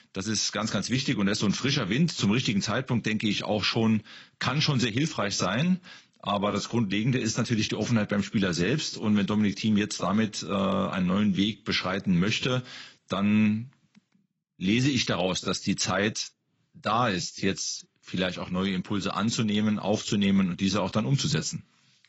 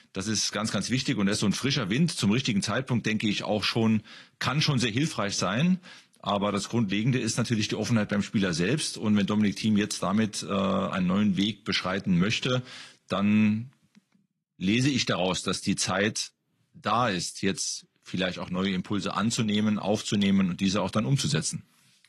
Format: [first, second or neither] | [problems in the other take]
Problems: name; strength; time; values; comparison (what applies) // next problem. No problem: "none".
second | garbled, watery; badly; nothing above 7.5 kHz; slightly in the second